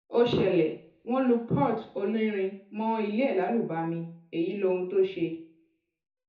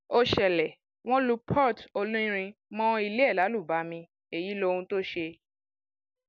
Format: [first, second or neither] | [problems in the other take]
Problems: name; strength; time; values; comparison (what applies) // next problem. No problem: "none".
second | room echo; dies away in 0.6 s